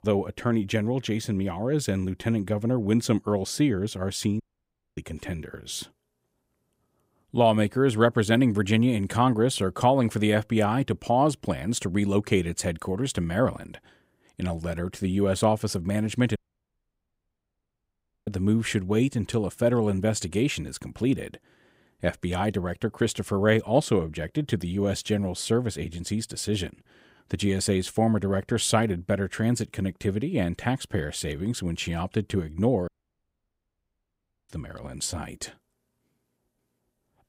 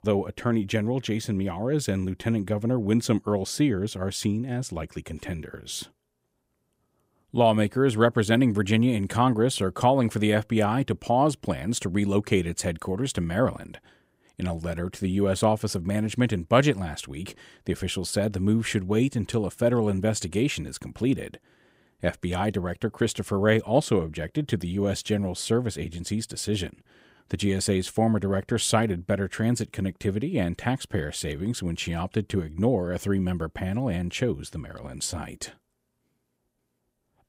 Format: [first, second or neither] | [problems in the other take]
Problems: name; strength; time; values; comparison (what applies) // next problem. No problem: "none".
second | audio cutting out; at 4.5 s for 0.5 s, at 16 s for 2 s and at 33 s for 1.5 s